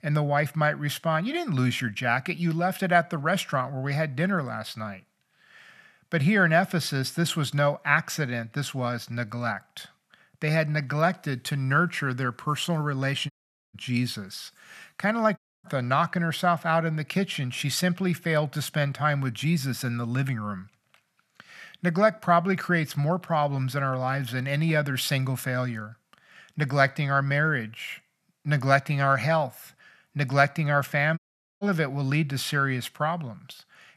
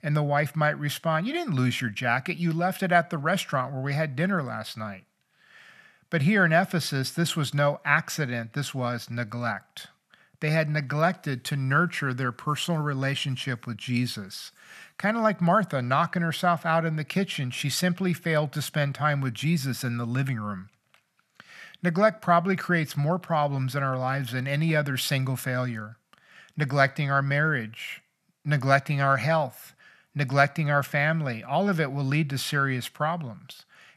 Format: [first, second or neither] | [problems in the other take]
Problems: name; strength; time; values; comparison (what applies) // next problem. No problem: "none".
second | audio cutting out; at 13 s, at 15 s and at 31 s